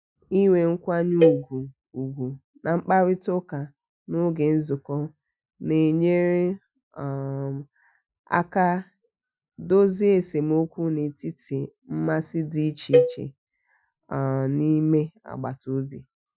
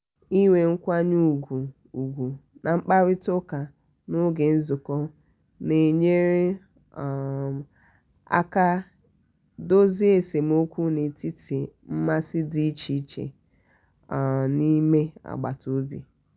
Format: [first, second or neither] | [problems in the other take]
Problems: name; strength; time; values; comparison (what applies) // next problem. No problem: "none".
second | noise reduction (classical method Wiener filter)